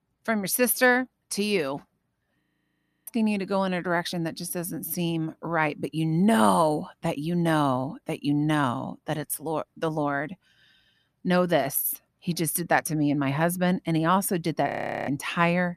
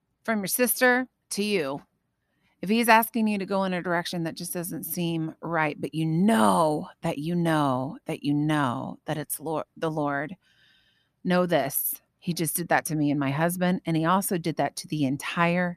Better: second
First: audio freezing; at 2.5 s for 0.5 s and at 15 s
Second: none

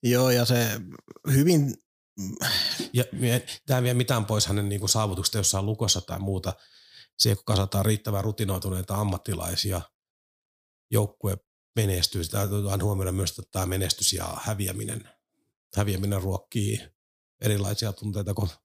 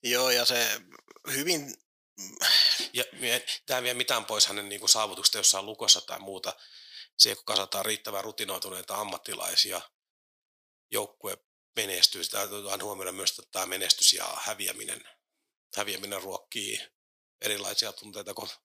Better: first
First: none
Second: thin; very; fading below 550 Hz

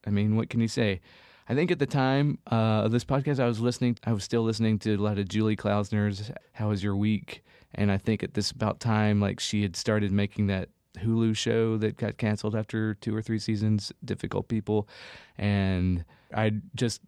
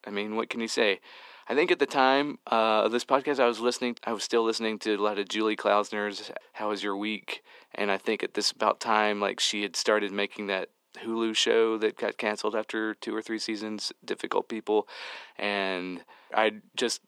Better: first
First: none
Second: thin; very; fading below 300 Hz

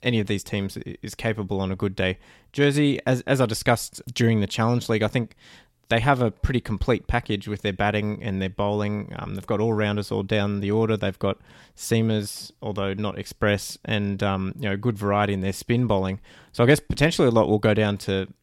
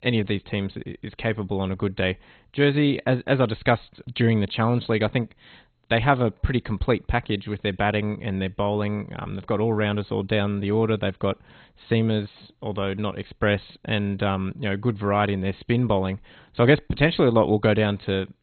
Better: first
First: none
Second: garbled, watery; badly; nothing above 4 kHz

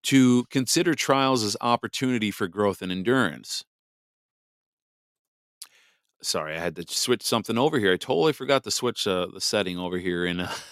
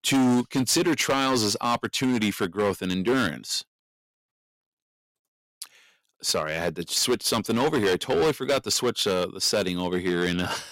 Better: first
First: none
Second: distortion; heavy; 9% of the sound clipped

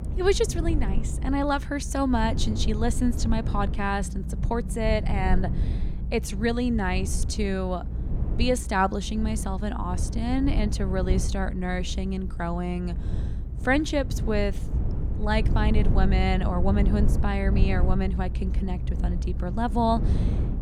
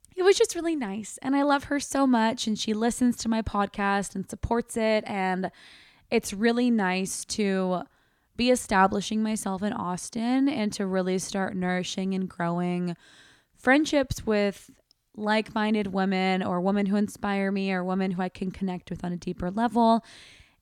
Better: second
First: low rumble; noticeable; throughout; 15 dB below the speech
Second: none

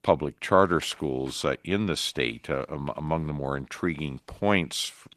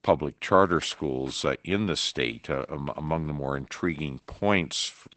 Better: first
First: garbled, watery; slightly; nothing above 14 kHz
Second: garbled, watery; badly; nothing above 8 kHz

